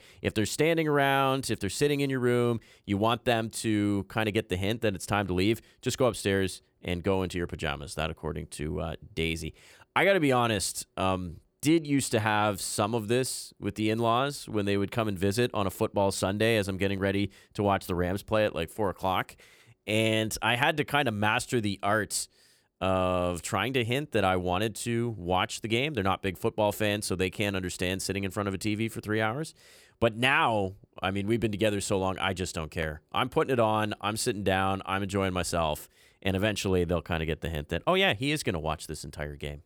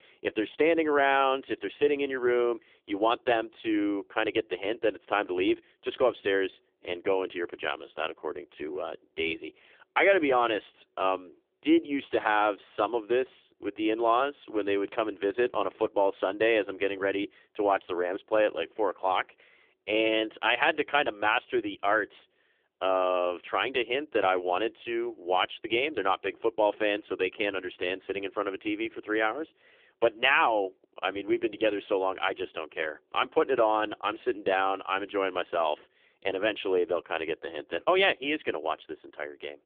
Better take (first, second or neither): first